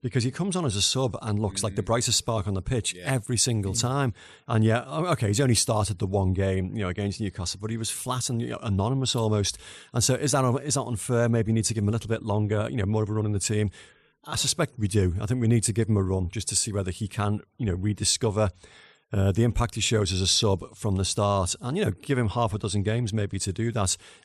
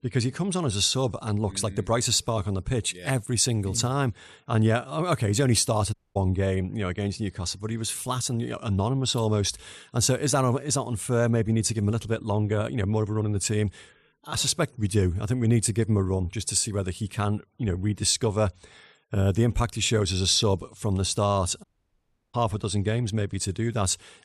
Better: first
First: none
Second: audio cutting out; at 6 s and at 22 s for 0.5 s

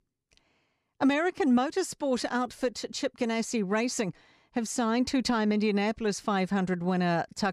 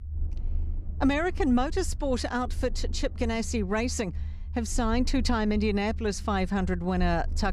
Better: first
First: none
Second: low rumble; faint; throughout; 25 dB below the speech

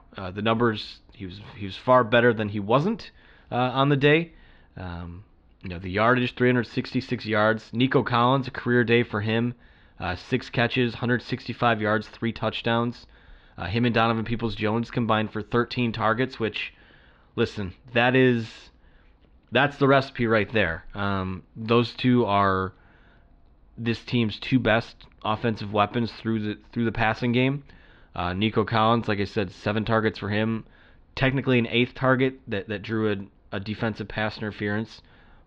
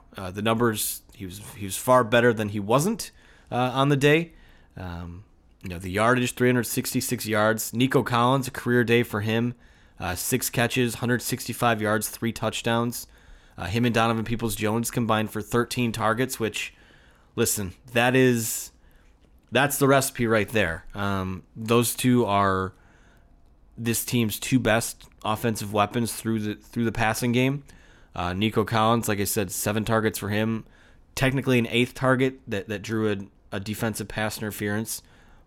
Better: second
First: muffled; slightly; fading above 4 kHz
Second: none

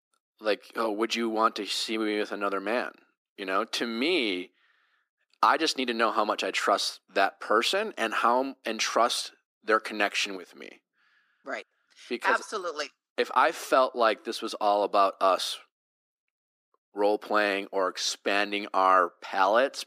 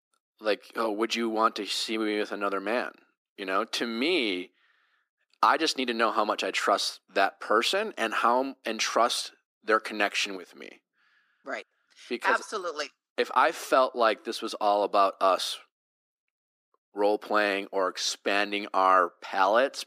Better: neither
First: thin; somewhat; fading below 250 Hz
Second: thin; somewhat; fading below 250 Hz

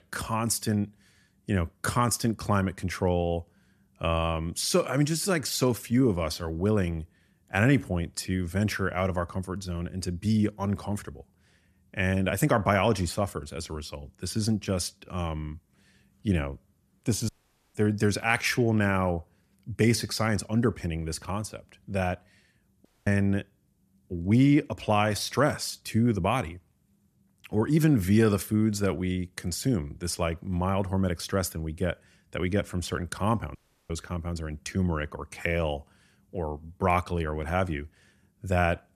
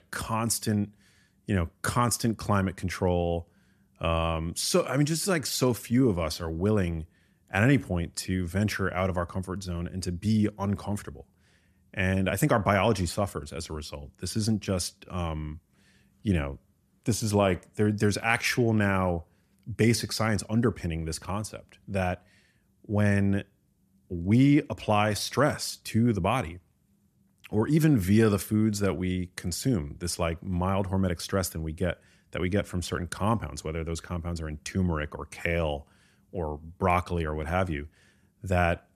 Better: second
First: audio cutting out; at 17 s, at 23 s and at 34 s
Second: none

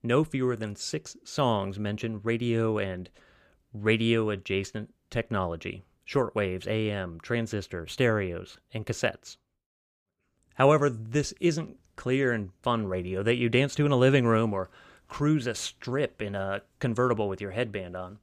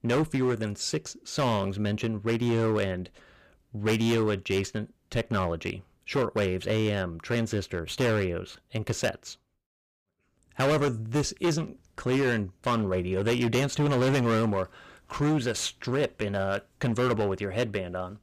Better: first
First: none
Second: distortion; heavy; 11% of the sound clipped

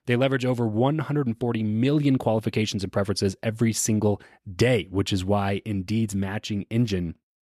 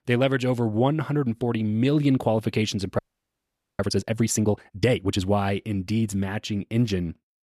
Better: first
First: none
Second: audio freezing; at 3 s for 1 s

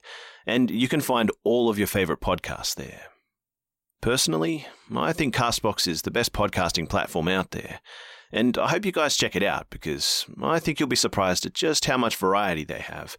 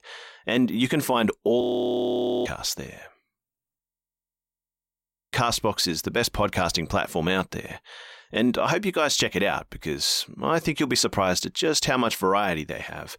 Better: first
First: none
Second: audio freezing; at 1.5 s for 1 s and at 4 s for 1.5 s

